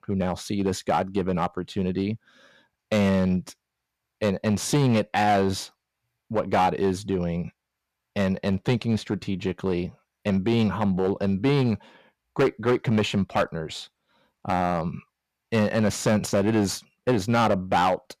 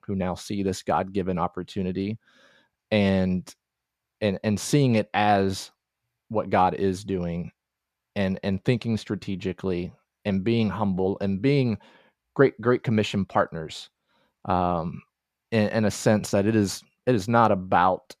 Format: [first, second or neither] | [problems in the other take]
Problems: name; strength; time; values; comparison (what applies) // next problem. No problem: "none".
second | distortion; slight; 5% of the sound clipped